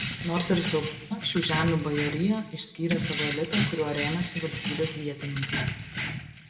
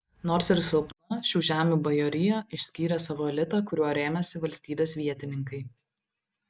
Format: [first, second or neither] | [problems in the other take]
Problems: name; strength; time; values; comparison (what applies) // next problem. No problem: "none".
second | background sound (Keys jangling); 4 dB below the speech // room echo; dies away in 0.7 s